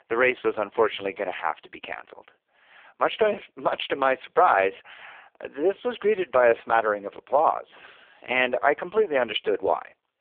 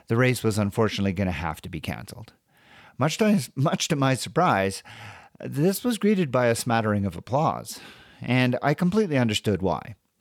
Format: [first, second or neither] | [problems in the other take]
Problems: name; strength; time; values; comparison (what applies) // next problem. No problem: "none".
second | phone-call audio; poor line; nothing above 3.5 kHz